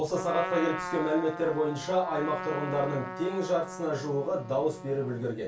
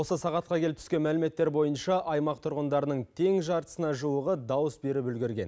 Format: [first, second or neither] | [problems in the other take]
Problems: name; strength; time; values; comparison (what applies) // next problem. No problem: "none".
second | background sound (Trumpet); 9 dB below the speech // room echo; dies away in 0.2 s